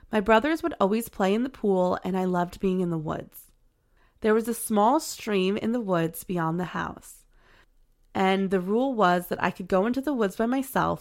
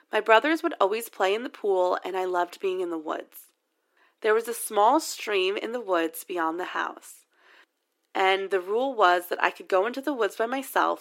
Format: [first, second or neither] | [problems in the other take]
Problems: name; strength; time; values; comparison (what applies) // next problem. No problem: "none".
first | thin; very; fading below 300 Hz